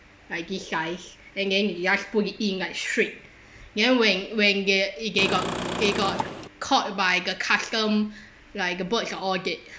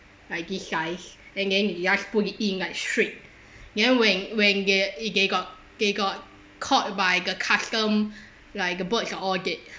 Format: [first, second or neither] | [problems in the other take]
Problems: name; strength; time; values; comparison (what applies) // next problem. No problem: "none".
second | background sound (Engine / Car); 3 dB below the speech